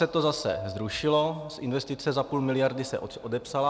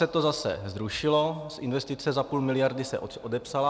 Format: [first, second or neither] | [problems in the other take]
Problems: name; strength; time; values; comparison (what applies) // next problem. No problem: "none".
second | background sound (Marimba, xylophone); 17 dB below the speech